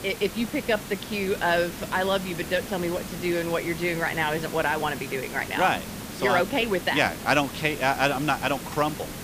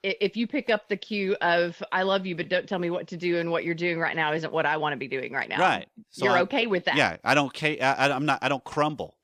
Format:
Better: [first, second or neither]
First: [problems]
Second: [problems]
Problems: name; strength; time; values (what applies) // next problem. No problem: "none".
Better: second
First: hiss; noticeable; throughout; 10 dB below the speech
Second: none